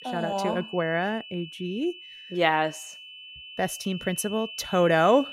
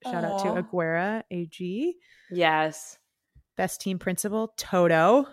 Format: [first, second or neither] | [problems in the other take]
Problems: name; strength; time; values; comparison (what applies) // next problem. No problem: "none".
second | high-pitched whine; noticeable; throughout; 3 kHz, 15 dB below the speech